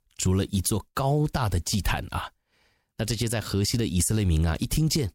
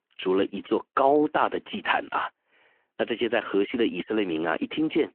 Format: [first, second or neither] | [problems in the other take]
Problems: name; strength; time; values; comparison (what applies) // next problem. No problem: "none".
first | phone-call audio